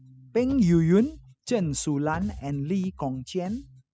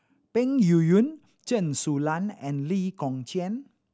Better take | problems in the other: second | noise reduction (classical method spectral subtraction)

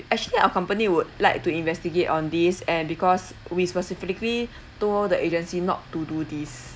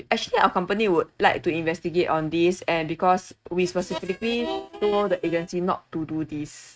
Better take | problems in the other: first | noise reduction (neural mask model RNNoise)

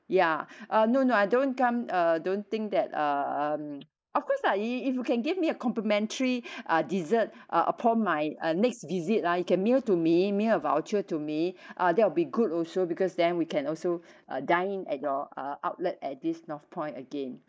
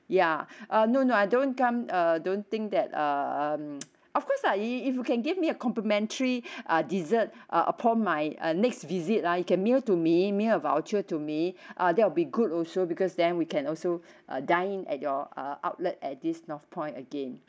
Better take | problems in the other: second | noise reduction (neural mask model Resemble Enhance denoiser)

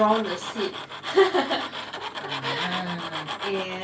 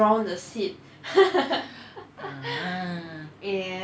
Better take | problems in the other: second | background sound (Tools); 7 dB below the speech

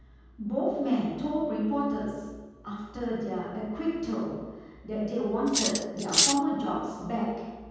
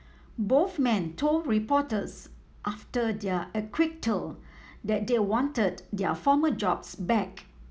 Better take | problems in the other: second | background sound (Cutlery, silverware); 3 dB above the speech // room echo; dies away in 1.2 s

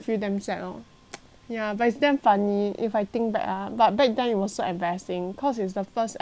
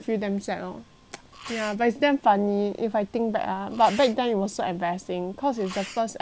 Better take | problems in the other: first | background sound (Sneeze); 20 dB below the speech

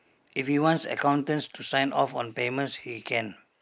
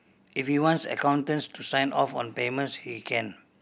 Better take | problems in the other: second | noise reduction (neural mask model Resemble Enhance denoiser)

